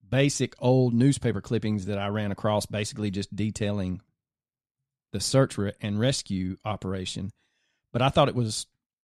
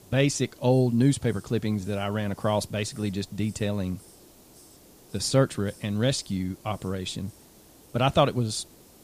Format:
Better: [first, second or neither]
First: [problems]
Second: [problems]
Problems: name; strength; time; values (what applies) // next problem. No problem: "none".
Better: first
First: none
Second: hiss; faint; throughout; 25 dB below the speech